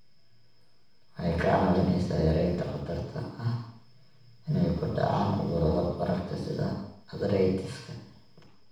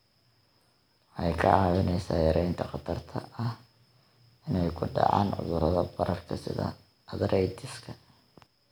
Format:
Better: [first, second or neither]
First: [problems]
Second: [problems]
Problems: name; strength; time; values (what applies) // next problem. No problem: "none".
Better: second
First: room echo; dies away in 0.7 s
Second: none